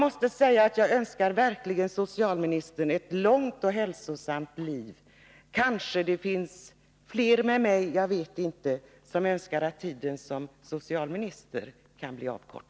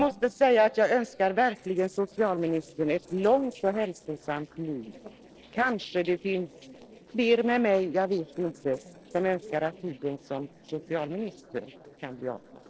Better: first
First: none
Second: noise reduction (neural separator model SepFormer DNS4)

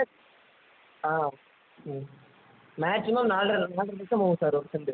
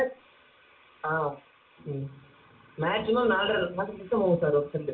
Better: first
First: none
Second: room echo; dies away in 0.3 s

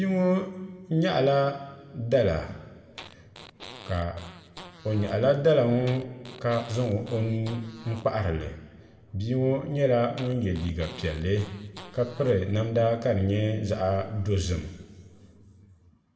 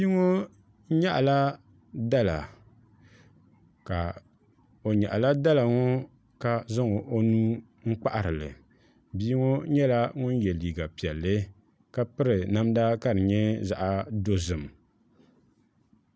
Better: second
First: background sound (Fart); 19 dB below the speech // room echo; dies away in 1.7 s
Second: none

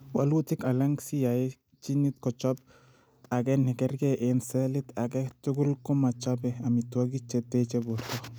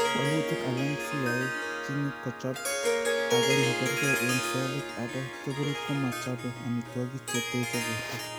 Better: first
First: none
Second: background sound (Harp); 2 dB above the speech

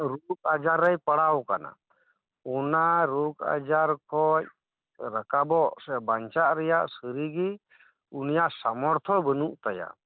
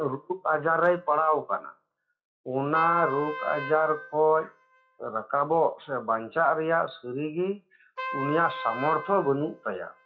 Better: first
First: none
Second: noise reduction (classical method WPE with log-MMSE)

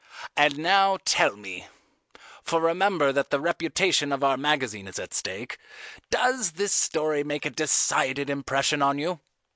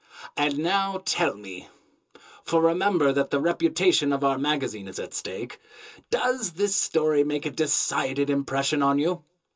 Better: first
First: none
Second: room echo; dies away in 0.2 s

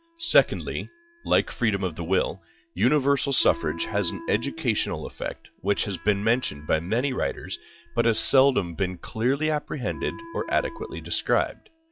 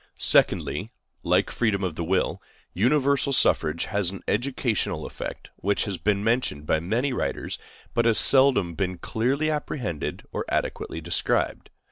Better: second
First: noise reduction (classical method log-MMSE)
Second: none

